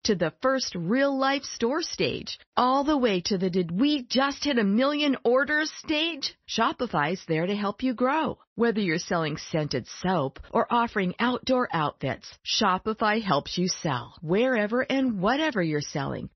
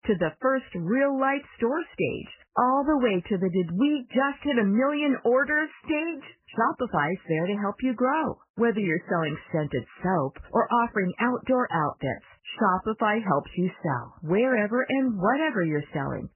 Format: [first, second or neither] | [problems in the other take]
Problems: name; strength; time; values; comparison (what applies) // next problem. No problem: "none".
first | garbled, watery; badly; nothing above 3 kHz; slightly in the first